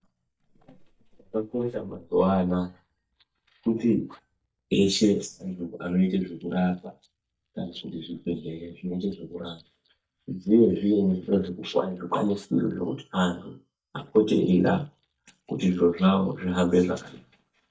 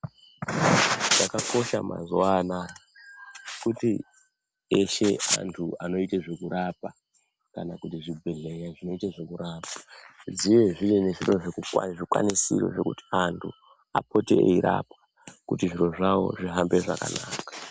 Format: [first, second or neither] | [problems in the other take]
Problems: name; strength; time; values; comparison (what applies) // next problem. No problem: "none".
second | noise reduction (neural mask model DeepFilterNet 3)